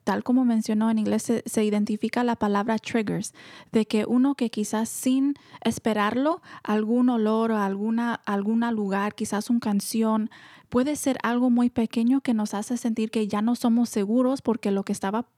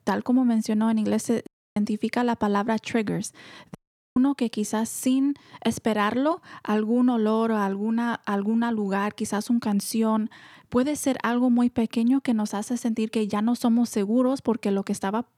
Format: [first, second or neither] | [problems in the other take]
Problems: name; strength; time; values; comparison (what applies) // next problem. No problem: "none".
first | audio cutting out; at 1.5 s and at 4 s